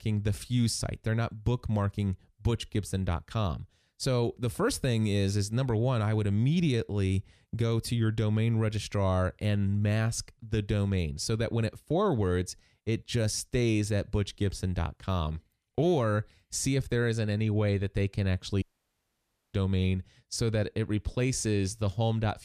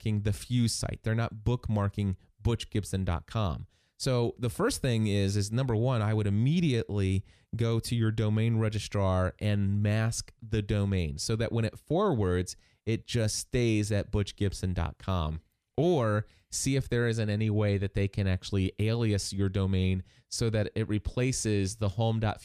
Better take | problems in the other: second | audio cutting out; at 19 s for 1 s

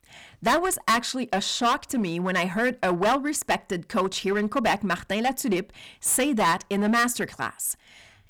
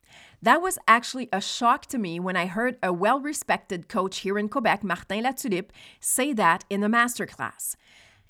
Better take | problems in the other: second | distortion; heavy; 9% of the sound clipped

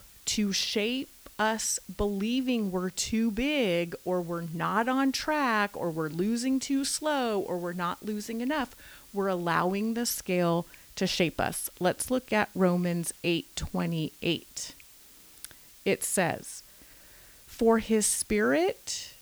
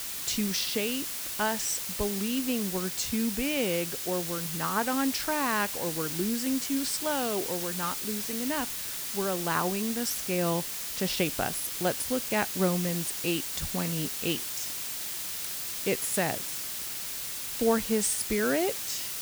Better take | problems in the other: first | hiss; loud; throughout; 2 dB below the speech; faint in the first

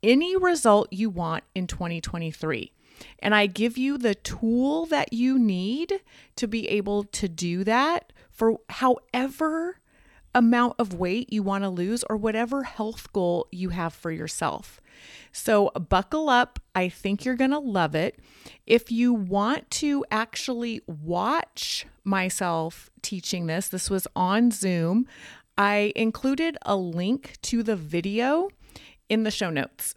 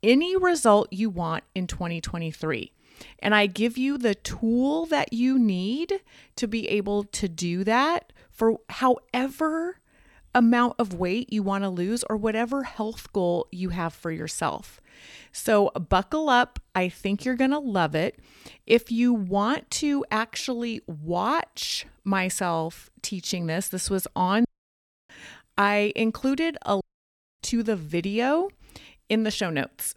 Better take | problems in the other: first | audio cutting out; at 24 s for 0.5 s and at 27 s for 0.5 s

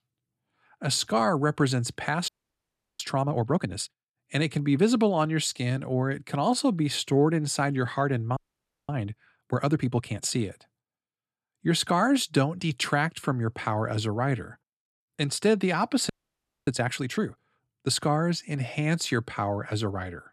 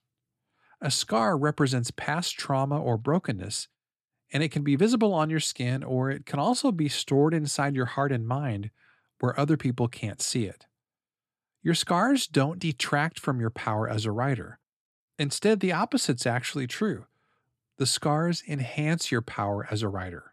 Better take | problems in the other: second | audio freezing; at 2.5 s for 0.5 s, at 8.5 s for 0.5 s and at 16 s for 0.5 s

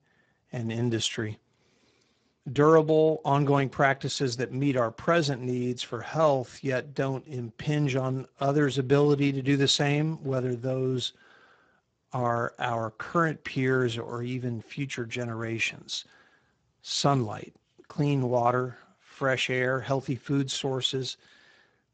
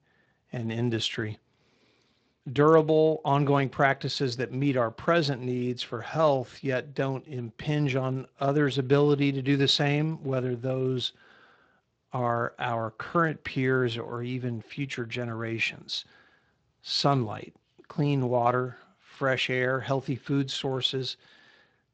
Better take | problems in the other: second | garbled, watery; badly; nothing above 7.5 kHz; slightly in the second

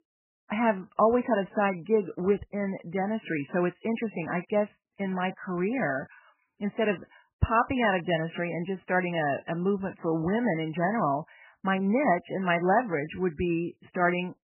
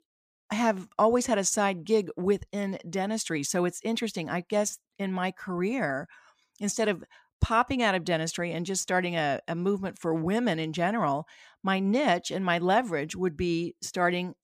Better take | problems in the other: second | garbled, watery; badly; nothing above 3 kHz

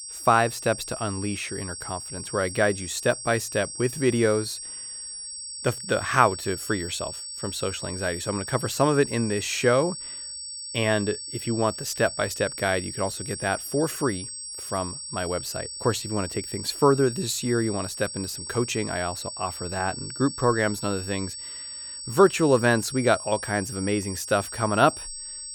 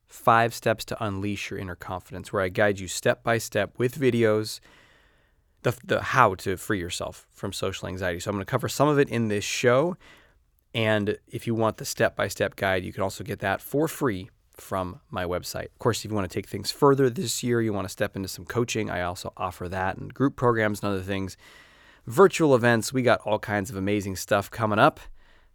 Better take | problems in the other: second | high-pitched whine; loud; throughout; 8 kHz, 8 dB below the speech

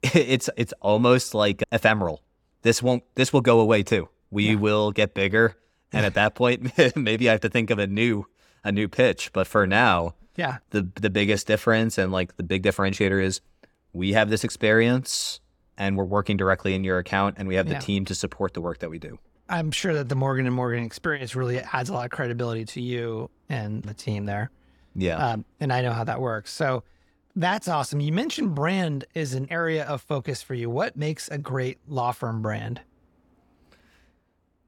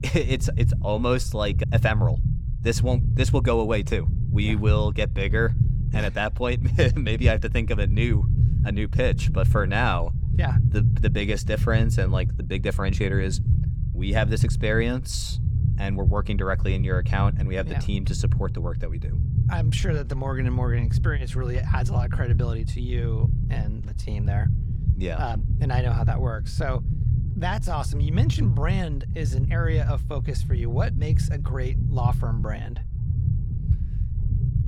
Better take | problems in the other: first | low rumble; loud; throughout; 9 dB below the speech

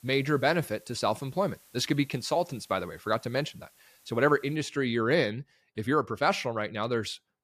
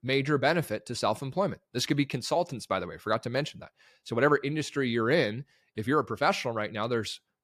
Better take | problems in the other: second | hiss; faint; until 4.5 s; 30 dB below the speech

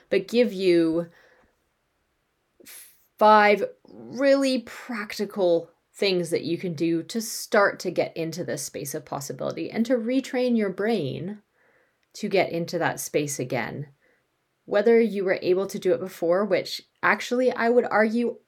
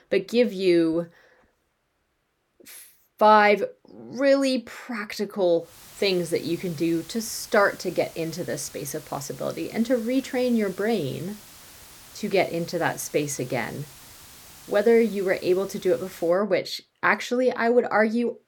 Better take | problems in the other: first | hiss; faint; from 5.5 to 16 s; 20 dB below the speech

